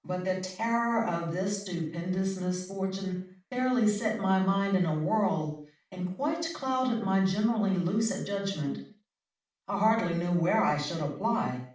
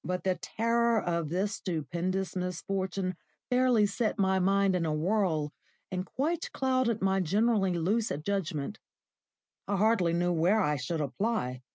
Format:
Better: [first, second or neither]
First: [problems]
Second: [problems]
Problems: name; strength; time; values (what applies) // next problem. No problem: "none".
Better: second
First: room echo; dies away in 0.5 s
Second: none